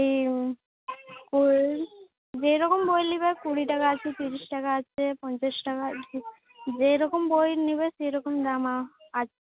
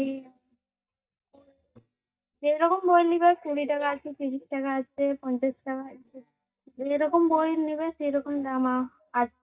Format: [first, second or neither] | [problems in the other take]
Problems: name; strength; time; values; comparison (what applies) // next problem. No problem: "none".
first | noise reduction (neural mask model DeepFilterNet 3)